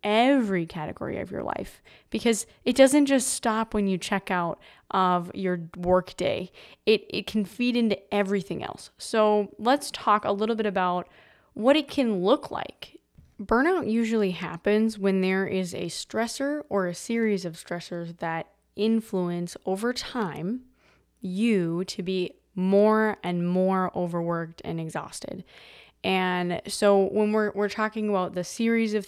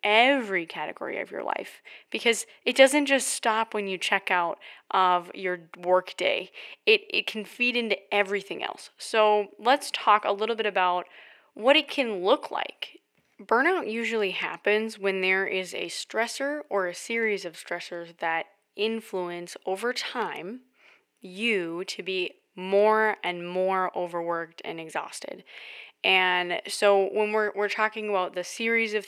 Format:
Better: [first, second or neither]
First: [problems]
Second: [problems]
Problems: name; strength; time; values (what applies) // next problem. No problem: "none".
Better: first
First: none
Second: thin; somewhat; fading below 400 Hz